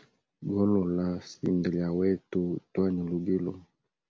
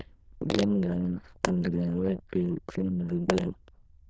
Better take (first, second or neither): first